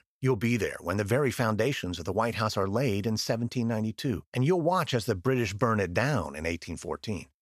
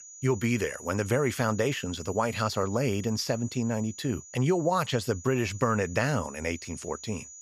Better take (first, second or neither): first